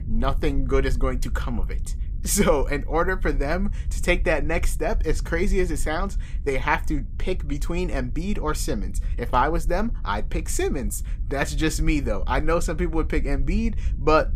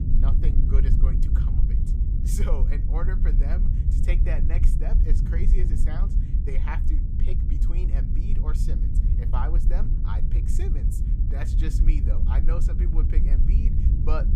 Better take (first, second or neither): first